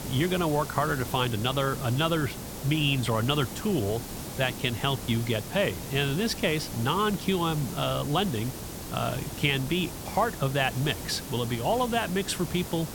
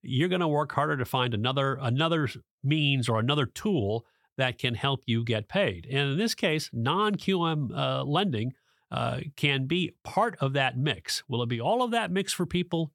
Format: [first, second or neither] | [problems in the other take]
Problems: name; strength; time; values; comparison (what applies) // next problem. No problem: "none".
second | hiss; loud; throughout; 9 dB below the speech